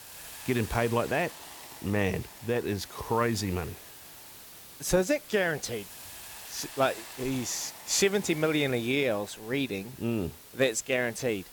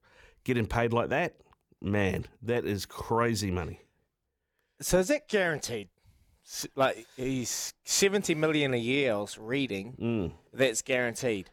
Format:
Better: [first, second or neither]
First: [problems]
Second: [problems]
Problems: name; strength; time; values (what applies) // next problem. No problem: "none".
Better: second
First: hiss; noticeable; throughout; 15 dB below the speech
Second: none